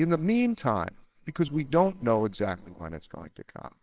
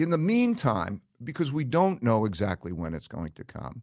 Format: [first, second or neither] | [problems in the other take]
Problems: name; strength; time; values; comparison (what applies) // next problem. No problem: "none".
second | noise reduction (neural separator model SepFormer WHAMR!)